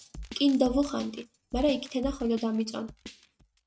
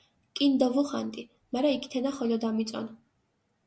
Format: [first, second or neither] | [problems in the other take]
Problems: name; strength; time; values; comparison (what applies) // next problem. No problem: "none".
second | noise reduction (neural mask model RNNoise)